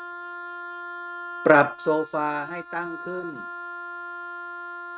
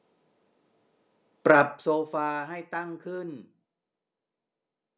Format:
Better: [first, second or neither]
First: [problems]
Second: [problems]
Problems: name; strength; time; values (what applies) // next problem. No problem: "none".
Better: second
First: noise reduction (neural mask model RNNoise)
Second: none